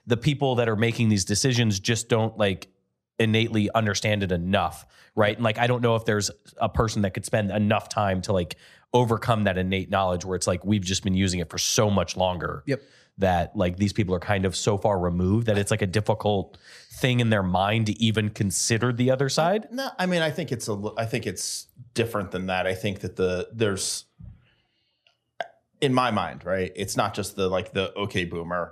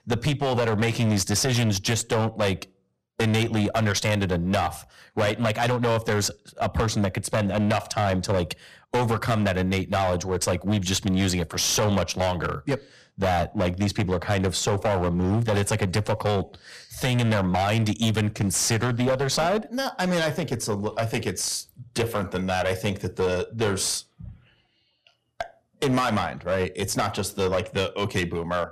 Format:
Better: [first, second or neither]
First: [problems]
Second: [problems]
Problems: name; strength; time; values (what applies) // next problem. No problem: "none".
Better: first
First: none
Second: distortion; heavy; 17% of the sound clipped